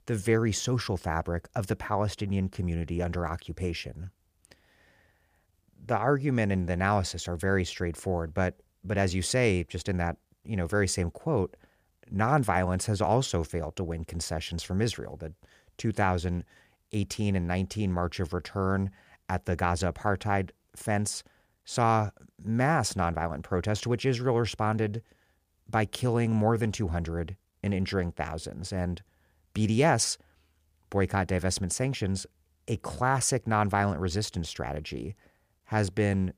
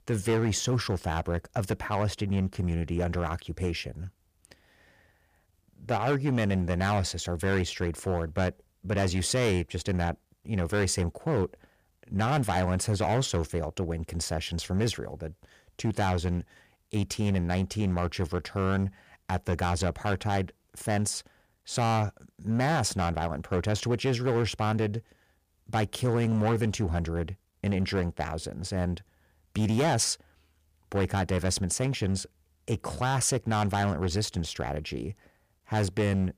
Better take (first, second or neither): first